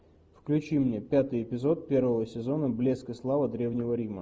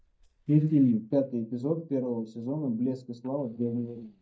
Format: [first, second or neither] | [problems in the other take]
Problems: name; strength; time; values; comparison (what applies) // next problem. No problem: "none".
first | noise reduction (neural mask model DeepFilterNet 3)